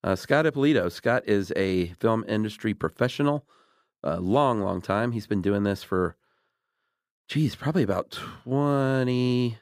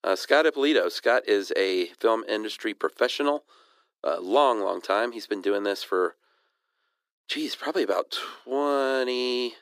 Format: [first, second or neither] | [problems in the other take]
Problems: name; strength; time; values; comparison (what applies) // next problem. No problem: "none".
first | thin; somewhat; fading below 300 Hz